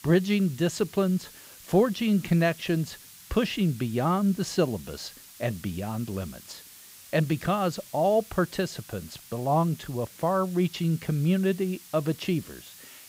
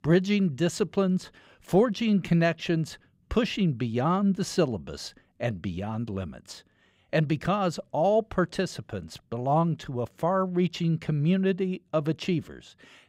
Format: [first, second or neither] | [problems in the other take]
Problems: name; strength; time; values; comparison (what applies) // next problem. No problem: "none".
second | hiss; noticeable; throughout; 20 dB below the speech